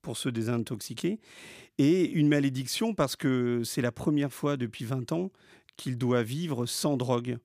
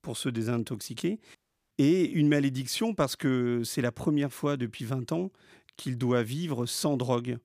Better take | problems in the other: first | audio cutting out; at 1.5 s

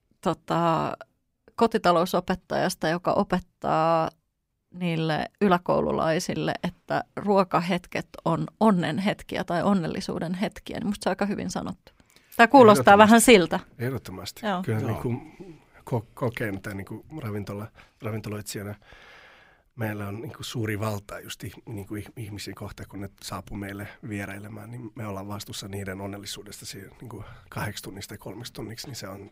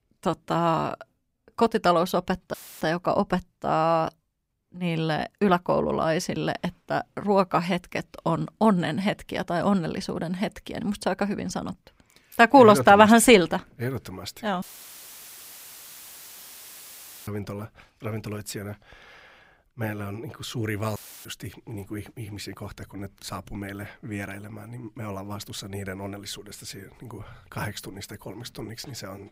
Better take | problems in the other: first | audio cutting out; filled with static; at 2.5 s, at 15 s for 2.5 s and at 21 s

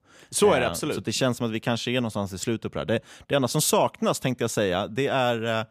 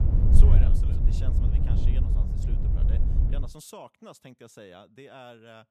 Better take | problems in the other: first | wind noise on the microphone; heavy; until 3.5 s; 5 dB above the speech

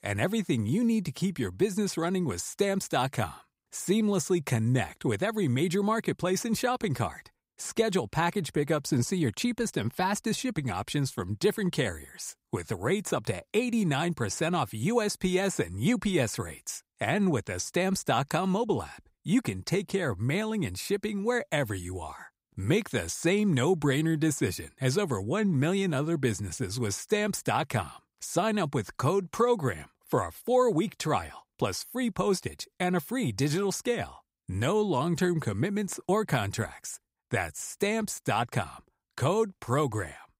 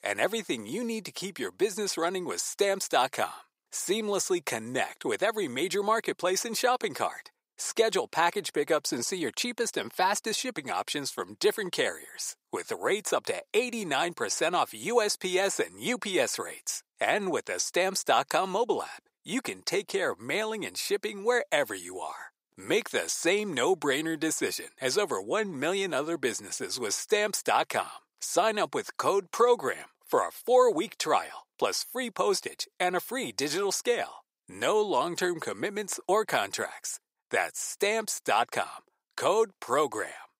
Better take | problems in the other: first | thin; somewhat; fading below 500 Hz

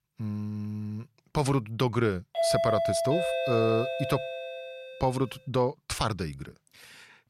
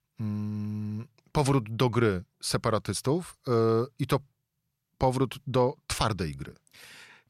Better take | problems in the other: second | doorbell; loud; from 2.5 to 5 s; peak 4 dB above the speech

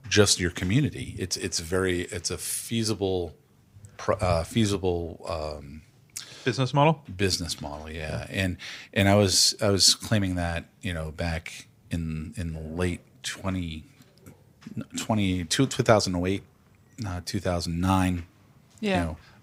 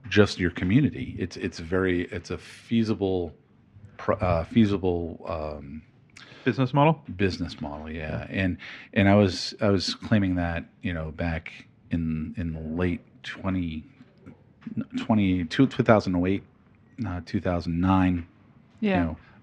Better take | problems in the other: first | muffled; slightly; fading above 2.5 kHz

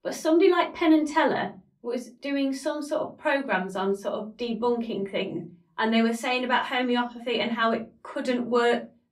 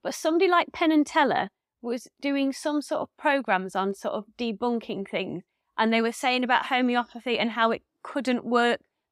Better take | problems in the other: second | off-mic speech; somewhat distant // room echo; very slight; dies away in 0.3 s

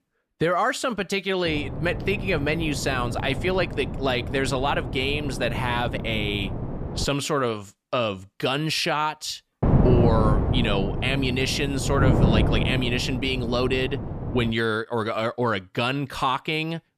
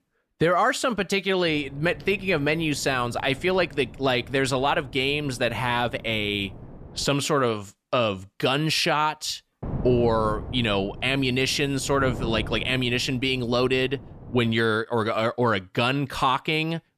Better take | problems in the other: second | wind noise on the microphone; heavy; from 1.5 to 7 s and from 9.5 to 15 s; 8 dB below the speech; occasional gusts in the second

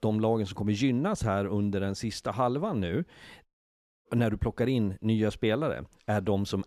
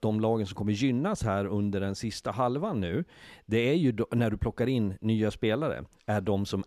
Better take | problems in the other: second | audio cutting out; at 3.5 s for 0.5 s

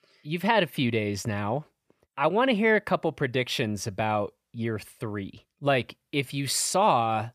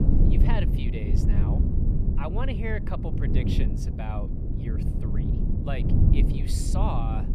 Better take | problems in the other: first | low rumble; loud; throughout; 1 dB below the speech

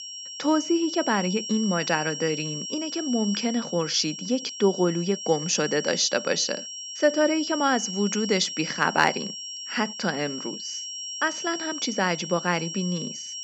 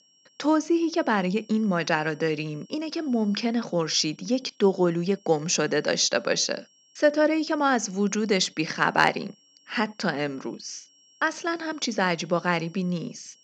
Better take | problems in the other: second | high-pitched whine; loud; throughout; 5.5 kHz, 7 dB below the speech; faint in the second

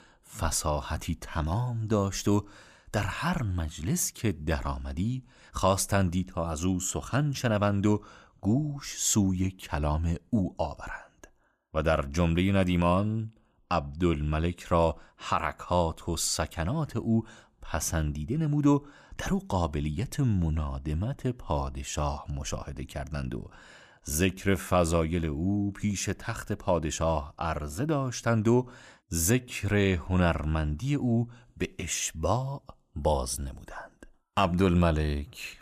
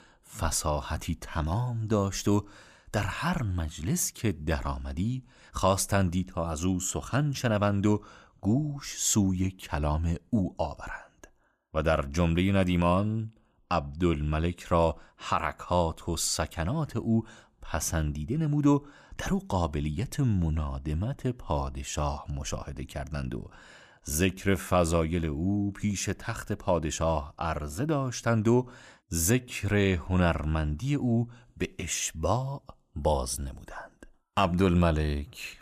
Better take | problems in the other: neither | none

